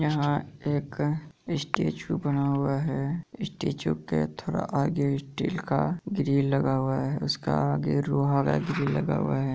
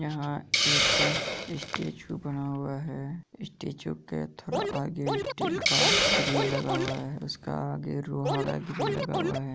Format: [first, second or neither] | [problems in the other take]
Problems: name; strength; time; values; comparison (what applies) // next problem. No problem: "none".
first | background sound (Hiss + Scratching (performance technique)); 3 dB above the speech